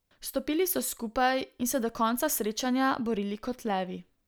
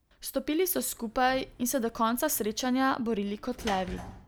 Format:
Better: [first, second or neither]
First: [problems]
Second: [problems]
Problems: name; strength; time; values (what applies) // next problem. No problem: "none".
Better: first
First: none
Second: background sound (Sliding door / Slam); 17 dB below the speech